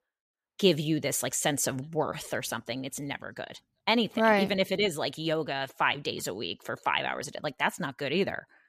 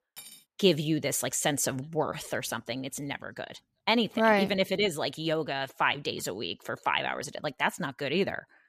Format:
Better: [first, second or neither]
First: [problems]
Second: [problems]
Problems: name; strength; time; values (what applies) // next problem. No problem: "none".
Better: first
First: none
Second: clattering dishes; faint; at the start; peak 15 dB below the speech